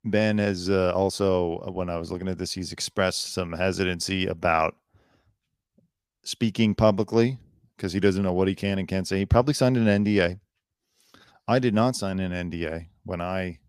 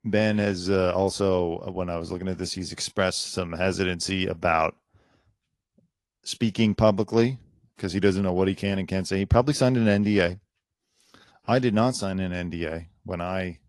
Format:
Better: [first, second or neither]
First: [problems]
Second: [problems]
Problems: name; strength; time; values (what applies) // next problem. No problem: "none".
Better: first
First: none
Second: garbled, watery; slightly